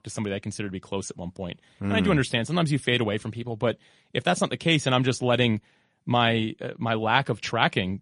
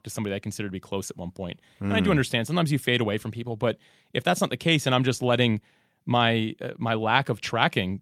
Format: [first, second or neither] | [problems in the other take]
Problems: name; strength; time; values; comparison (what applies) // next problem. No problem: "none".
second | garbled, watery; slightly; nothing above 10.5 kHz